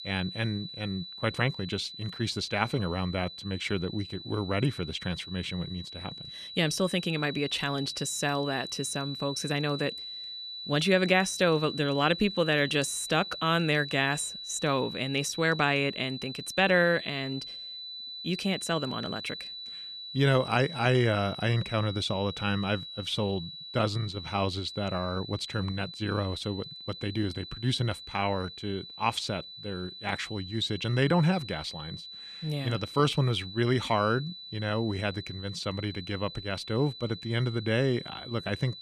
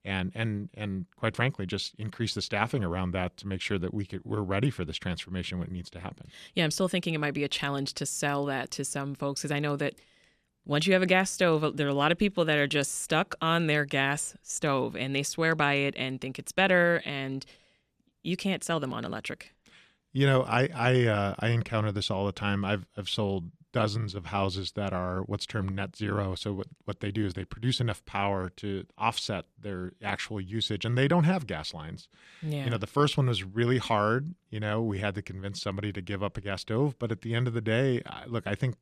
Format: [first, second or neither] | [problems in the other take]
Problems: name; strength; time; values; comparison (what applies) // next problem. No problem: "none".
second | high-pitched whine; loud; throughout; 4 kHz, 10 dB below the speech